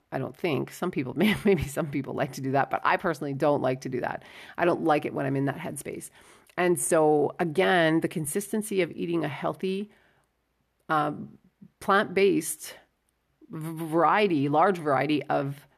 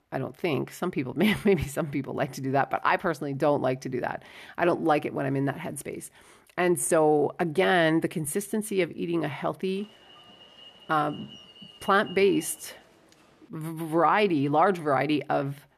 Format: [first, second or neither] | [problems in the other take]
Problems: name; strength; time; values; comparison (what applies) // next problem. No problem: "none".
first | alarm; faint; from 10 to 13 s; peak 15 dB below the speech